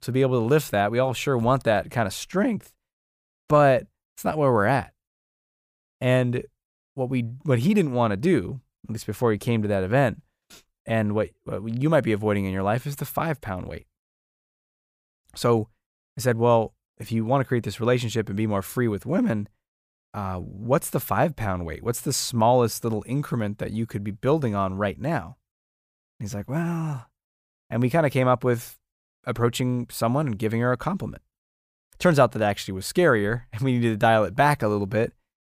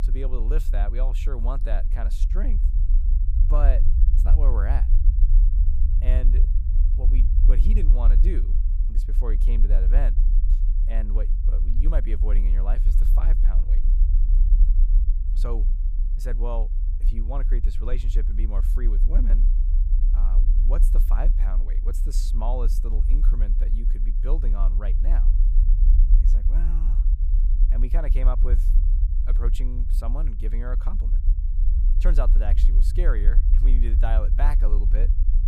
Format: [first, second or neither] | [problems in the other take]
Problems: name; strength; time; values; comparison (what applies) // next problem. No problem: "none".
first | low rumble; loud; throughout; 8 dB below the speech